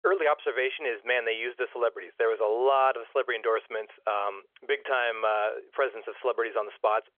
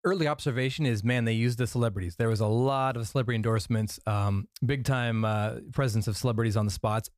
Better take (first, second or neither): second